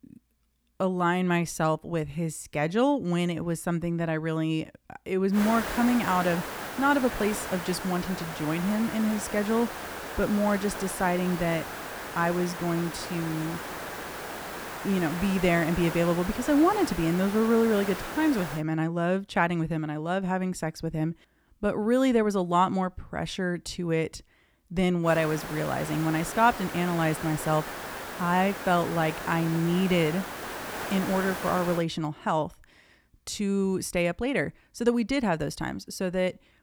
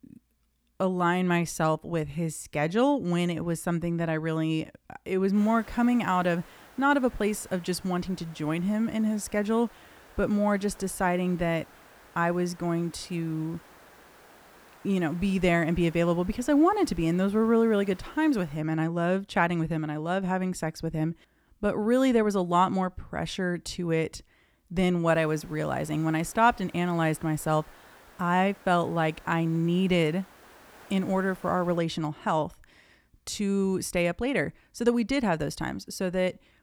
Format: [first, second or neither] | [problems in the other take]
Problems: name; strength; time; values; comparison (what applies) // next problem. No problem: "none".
second | hiss; loud; from 5.5 to 19 s and from 25 to 32 s; 8 dB below the speech; faint in the second